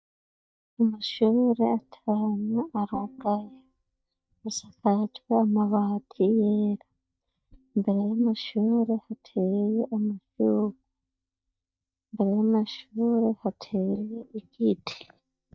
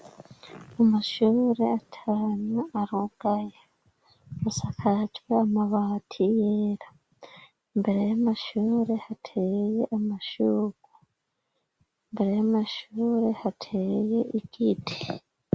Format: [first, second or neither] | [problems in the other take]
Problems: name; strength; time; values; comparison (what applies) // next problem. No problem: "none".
second | noise reduction (neural mask model DeepFilterNet 3)